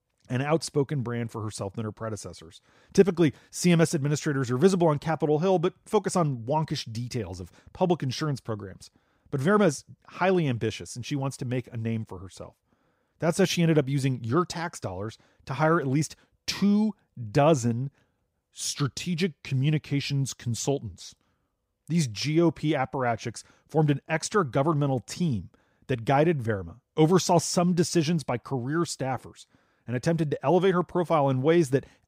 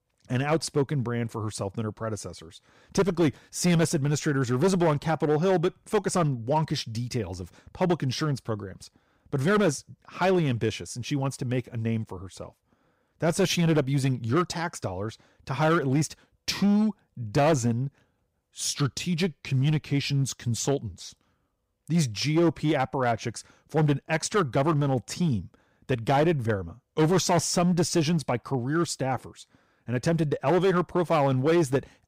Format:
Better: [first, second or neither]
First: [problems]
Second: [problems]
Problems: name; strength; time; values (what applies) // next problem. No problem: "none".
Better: first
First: none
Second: distortion; slight; 6% of the sound clipped